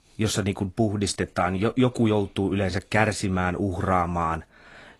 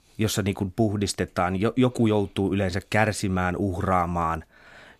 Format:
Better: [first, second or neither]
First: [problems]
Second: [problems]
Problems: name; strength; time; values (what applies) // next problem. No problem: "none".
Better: second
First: garbled, watery; slightly; nothing above 11 kHz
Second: none